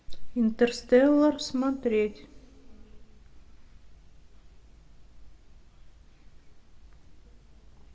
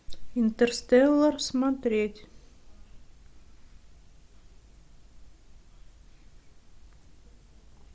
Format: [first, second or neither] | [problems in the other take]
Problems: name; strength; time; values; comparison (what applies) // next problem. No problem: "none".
second | room echo; dies away in 1.3 s